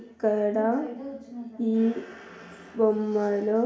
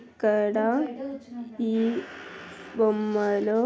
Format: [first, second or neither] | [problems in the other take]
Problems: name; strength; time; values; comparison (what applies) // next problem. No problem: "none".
second | room echo; dies away in 0.7 s